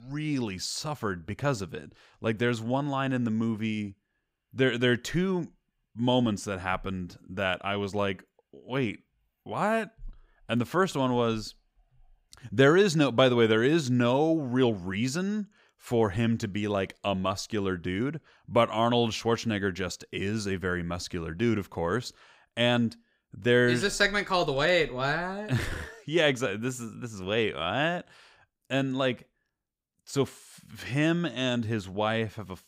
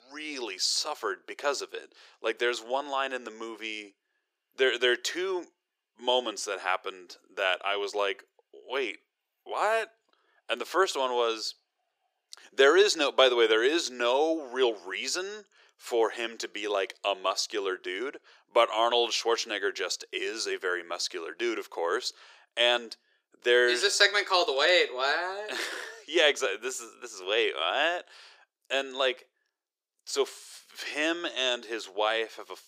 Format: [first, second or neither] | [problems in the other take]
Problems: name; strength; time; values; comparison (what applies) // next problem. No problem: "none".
first | thin; very; fading below 350 Hz